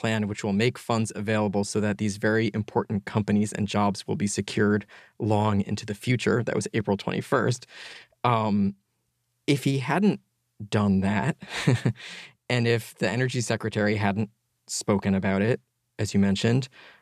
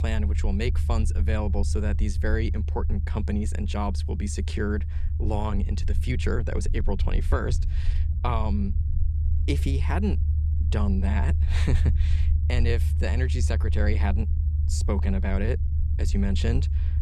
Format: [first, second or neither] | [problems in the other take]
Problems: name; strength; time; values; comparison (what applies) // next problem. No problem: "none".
first | low rumble; noticeable; throughout; 10 dB below the speech